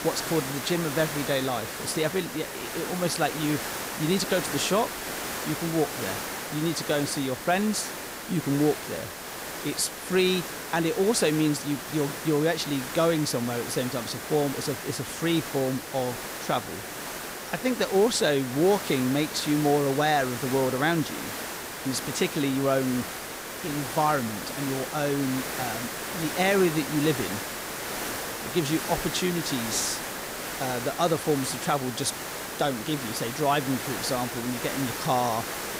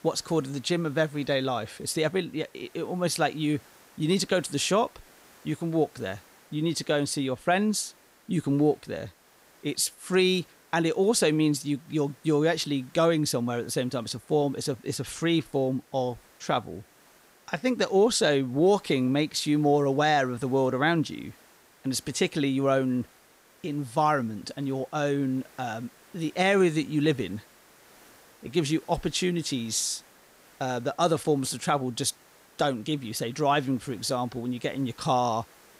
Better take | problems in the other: second | hiss; loud; throughout; 6 dB below the speech; faint in the second

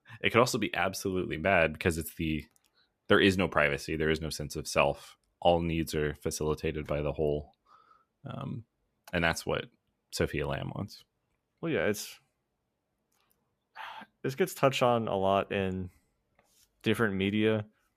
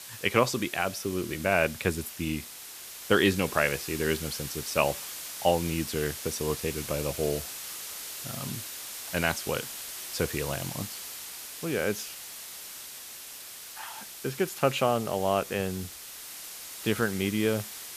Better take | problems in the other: first | hiss; loud; throughout; 9 dB below the speech

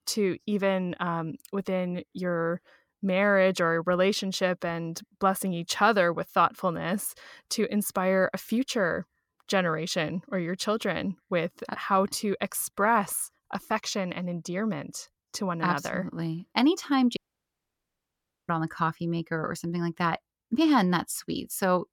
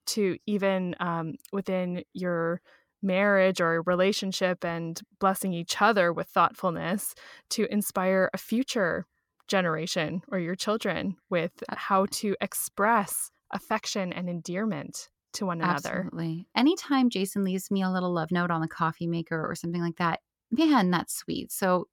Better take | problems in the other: second | audio cutting out; at 17 s for 1.5 s

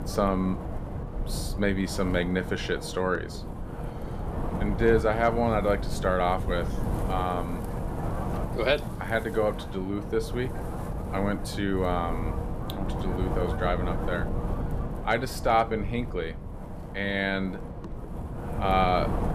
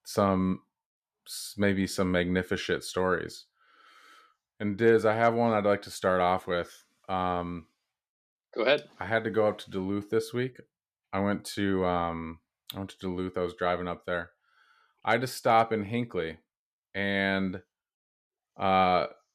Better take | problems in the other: second | wind noise on the microphone; occasional gusts; 10 dB below the speech

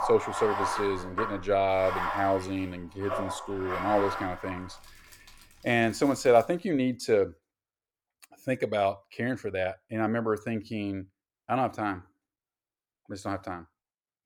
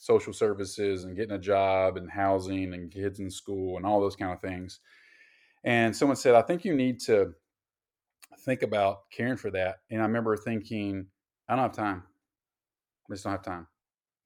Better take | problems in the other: second | household noises; very faint; until 6.5 s; 5 dB below the speech

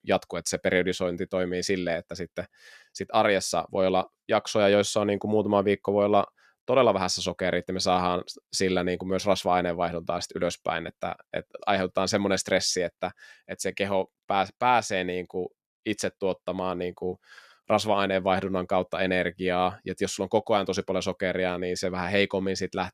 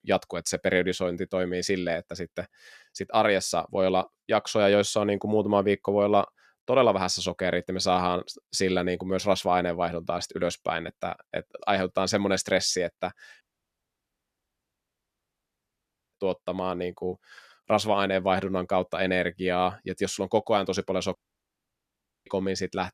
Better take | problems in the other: first | audio cutting out; at 13 s for 2.5 s and at 21 s for 1 s

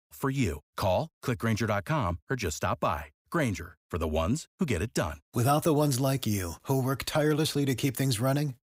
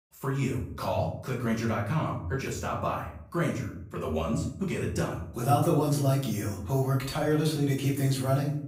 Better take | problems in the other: first | off-mic speech; far // room echo; noticeable; dies away in 0.6 s

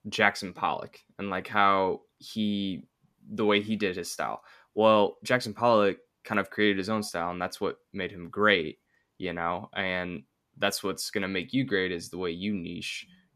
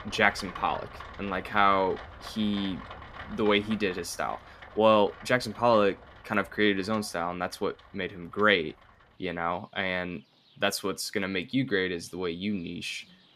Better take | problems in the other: first | rain or running water; noticeable; throughout; 20 dB below the speech

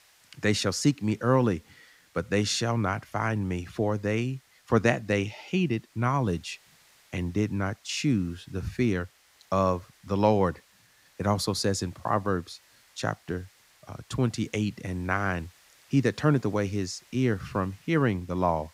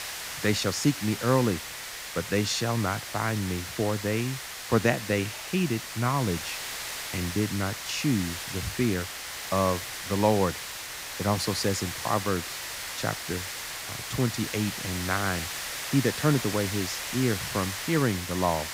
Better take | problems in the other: first | hiss; loud; throughout; 5 dB below the speech; faint in the first

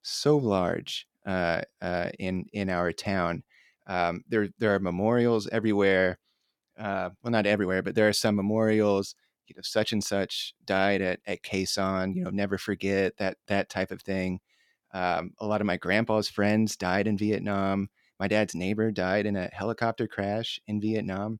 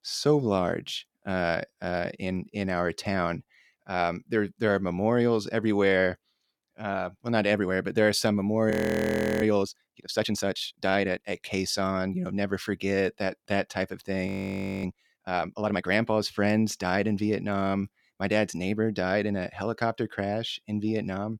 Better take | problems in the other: first | audio freezing; at 8.5 s for 0.5 s and at 14 s for 0.5 s

